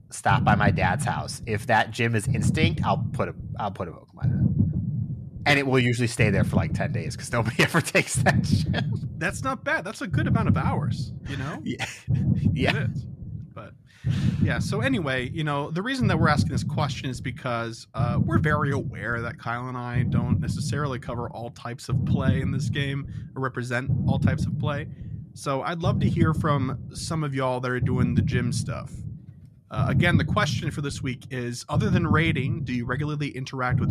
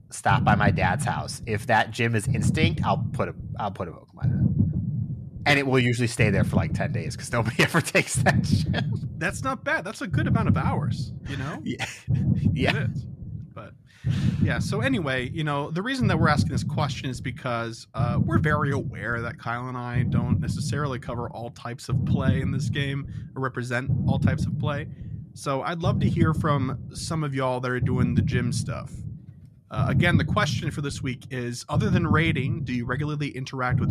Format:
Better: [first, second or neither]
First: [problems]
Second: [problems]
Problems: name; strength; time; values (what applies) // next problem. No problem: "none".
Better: neither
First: low rumble; loud; throughout; 10 dB below the speech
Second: low rumble; loud; throughout; 10 dB below the speech